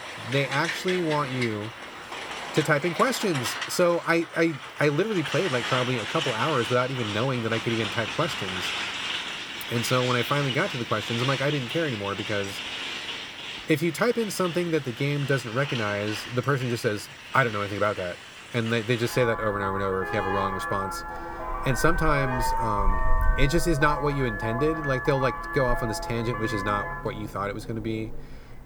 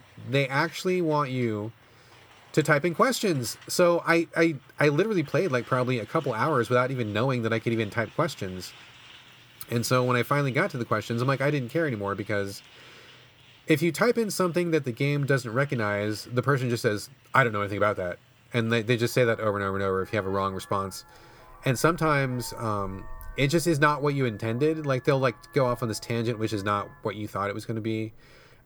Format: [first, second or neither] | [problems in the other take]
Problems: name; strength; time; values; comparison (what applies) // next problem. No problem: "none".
second | traffic noise; loud; throughout; 5 dB below the speech; faint in the second